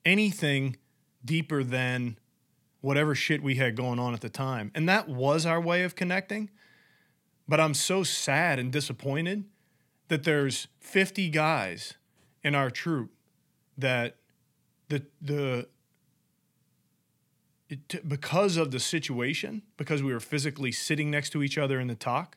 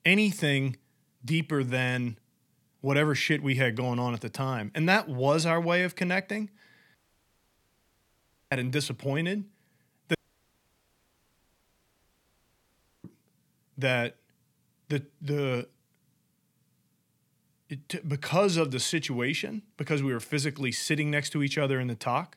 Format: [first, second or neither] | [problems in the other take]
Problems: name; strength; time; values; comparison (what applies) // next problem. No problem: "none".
first | audio cutting out; at 7 s for 1.5 s and at 10 s for 3 s